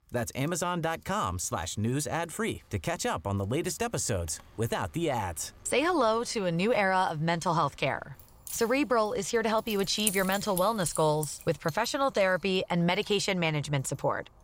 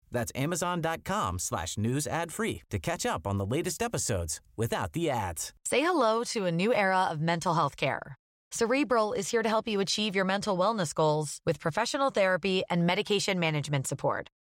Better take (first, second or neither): second